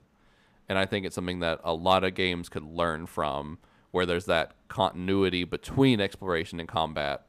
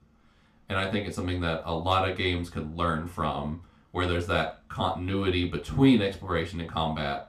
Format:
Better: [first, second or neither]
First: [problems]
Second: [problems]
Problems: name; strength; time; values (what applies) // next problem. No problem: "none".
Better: first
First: none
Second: room echo; very slight; dies away in 0.3 s // off-mic speech; somewhat distant